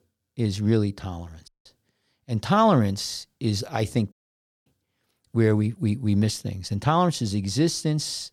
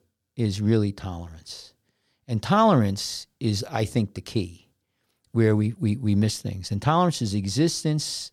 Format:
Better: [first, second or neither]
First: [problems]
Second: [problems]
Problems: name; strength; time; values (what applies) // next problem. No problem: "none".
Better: second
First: audio cutting out; at 1.5 s and at 4 s for 0.5 s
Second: none